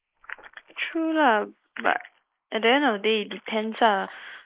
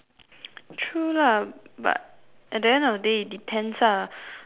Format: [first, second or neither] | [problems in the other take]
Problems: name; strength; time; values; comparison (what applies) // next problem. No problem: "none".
second | noise reduction (neural mask model Resemble Enhance denoiser)